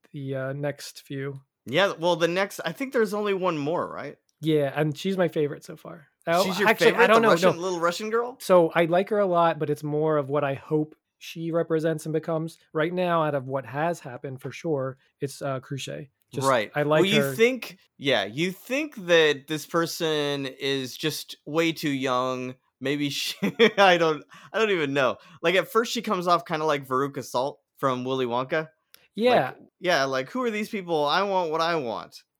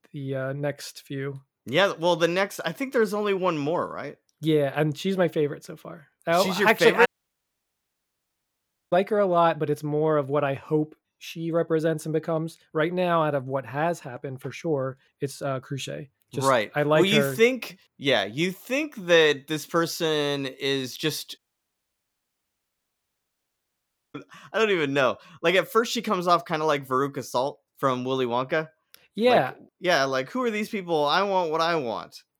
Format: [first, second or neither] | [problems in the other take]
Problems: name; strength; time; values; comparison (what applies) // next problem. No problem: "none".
first | audio cutting out; at 7 s for 2 s and at 21 s for 3 s